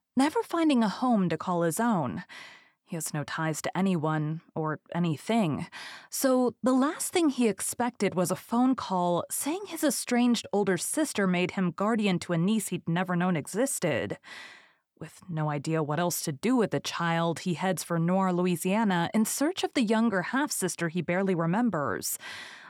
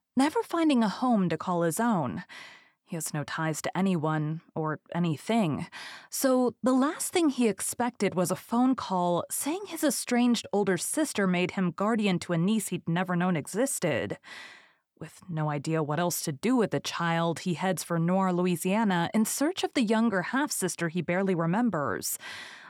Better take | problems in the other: neither | none

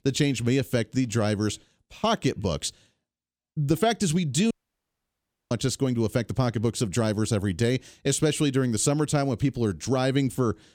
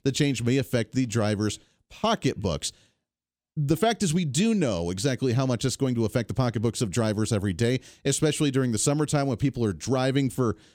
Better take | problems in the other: second | audio cutting out; at 4.5 s for 1 s

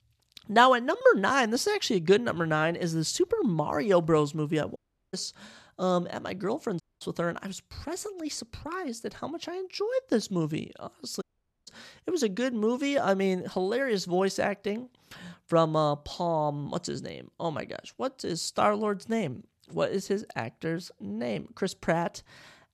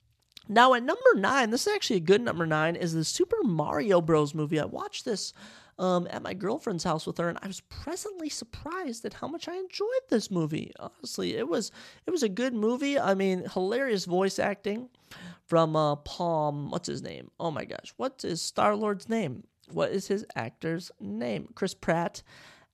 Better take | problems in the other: second | audio cutting out; at 5 s, at 7 s and at 11 s

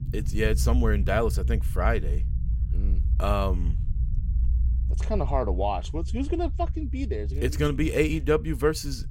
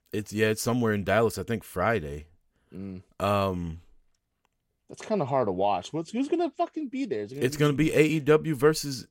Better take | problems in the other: second | low rumble; noticeable; throughout; 20 dB below the speech

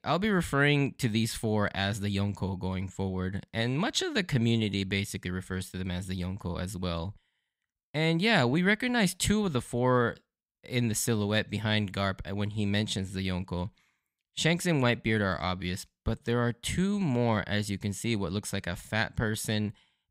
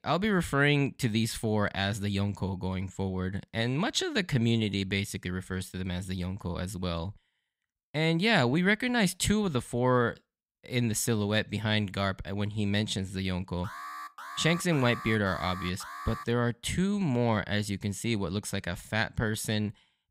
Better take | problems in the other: first | alarm; faint; from 14 to 16 s; peak 10 dB below the speech

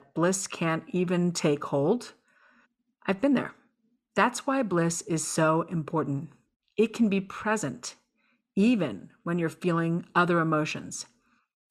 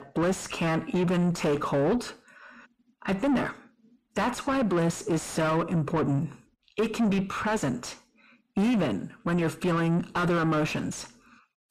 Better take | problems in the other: first | distortion; heavy; 6 dB below the speech

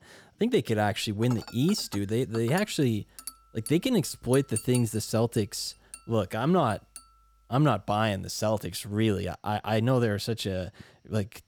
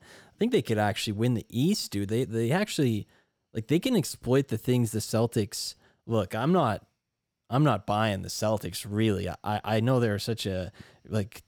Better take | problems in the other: second | clattering dishes; noticeable; from 1 to 7 s; peak 7 dB below the speech

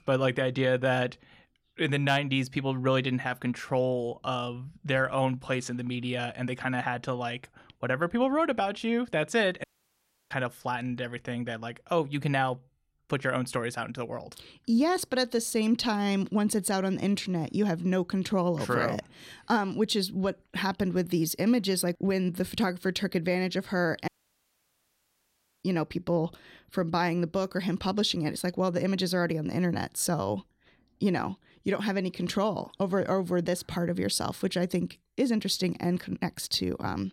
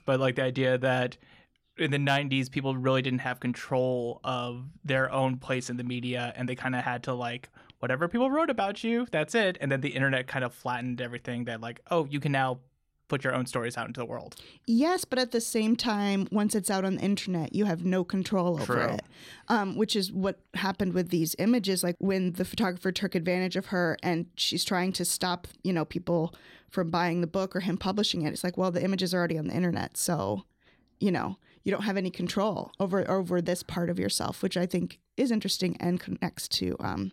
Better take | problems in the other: second | audio cutting out; at 9.5 s for 0.5 s and at 24 s for 1.5 s

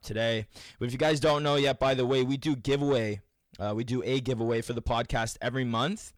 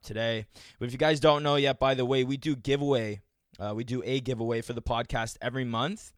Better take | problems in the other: second | distortion; slight; 10 dB below the speech

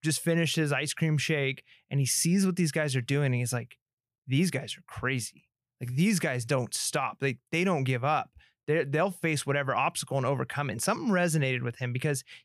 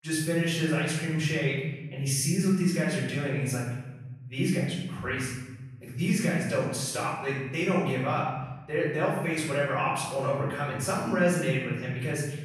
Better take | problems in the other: first | off-mic speech; far // room echo; noticeable; dies away in 1.1 s

